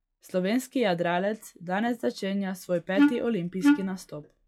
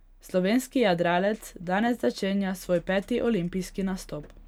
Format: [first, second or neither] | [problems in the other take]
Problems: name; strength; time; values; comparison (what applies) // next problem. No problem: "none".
second | noise reduction (classical method log-MMSE)